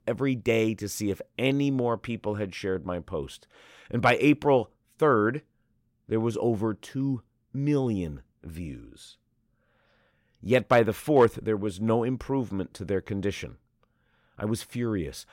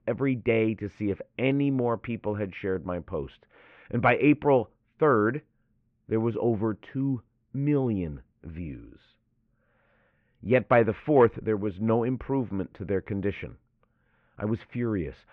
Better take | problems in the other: first | muffled; very; fading above 2.5 kHz

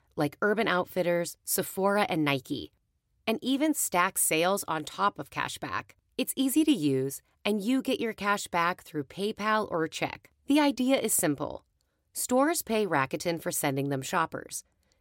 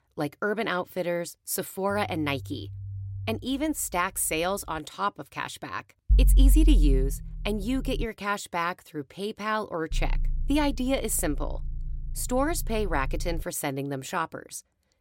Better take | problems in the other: first | low rumble; faint; from 2 to 5 s, from 6 to 8 s and from 10 to 13 s; 20 dB below the speech

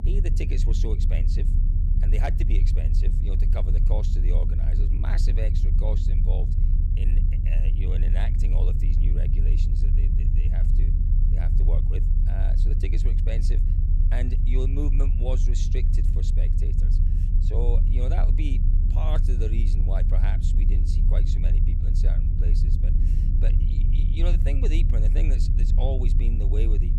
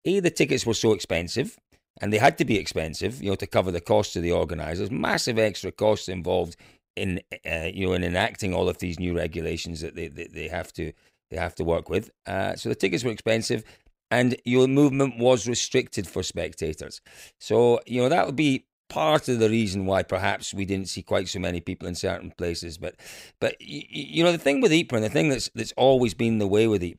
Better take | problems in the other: second | low rumble; loud; throughout; 3 dB below the speech

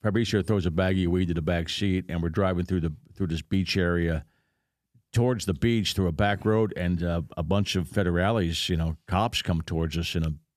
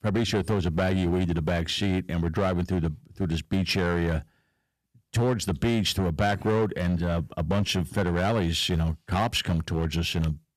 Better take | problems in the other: first | distortion; slight; 9% of the sound clipped

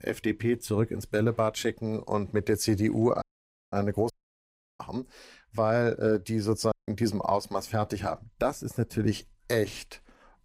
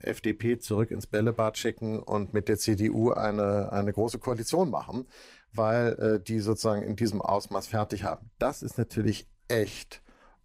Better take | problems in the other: second | audio cutting out; at 3 s for 0.5 s, at 4 s for 0.5 s and at 6.5 s

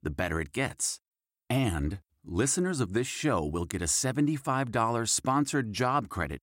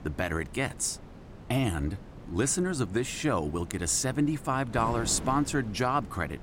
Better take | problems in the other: first | wind noise on the microphone; occasional gusts; 20 dB below the speech

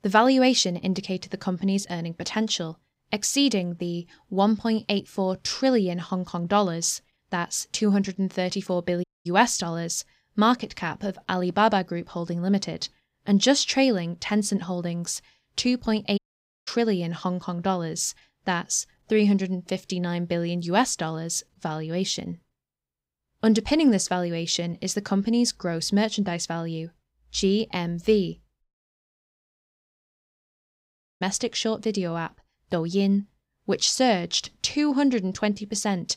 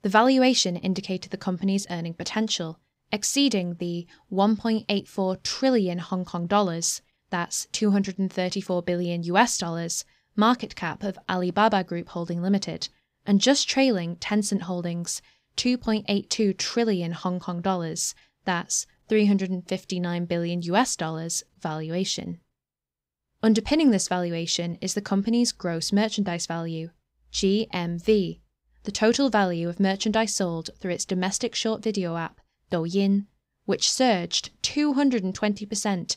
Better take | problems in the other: second | audio cutting out; at 9 s, at 16 s and at 29 s for 2.5 s

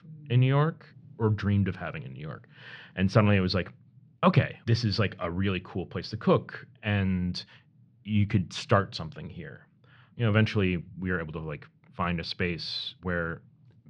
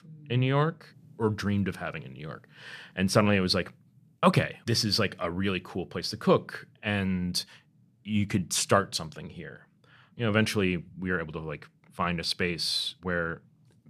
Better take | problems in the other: second | muffled; very slightly; fading above 4 kHz

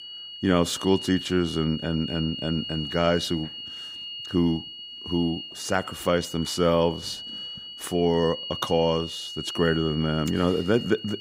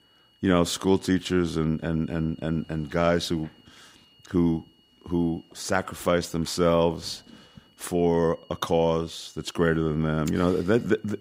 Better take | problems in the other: second | high-pitched whine; loud; throughout; 3 kHz, 9 dB below the speech; faint in the second

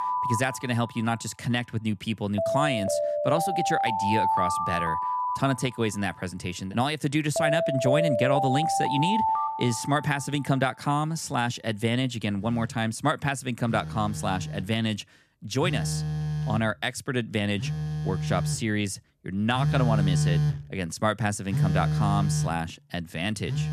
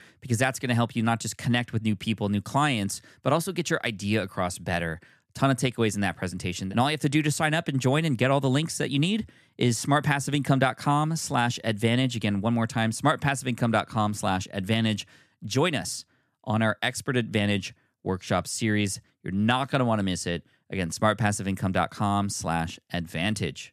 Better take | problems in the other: second | alarms or sirens; very loud; throughout; as loud as the speech

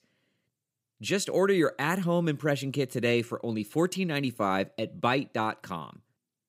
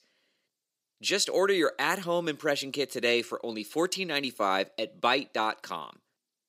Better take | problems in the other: first | thin; somewhat; fading below 350 Hz

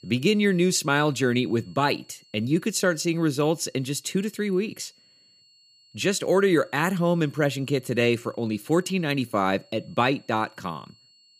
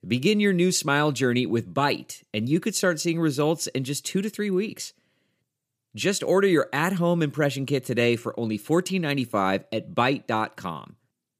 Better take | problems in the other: second | high-pitched whine; faint; throughout; 4.5 kHz, 30 dB below the speech

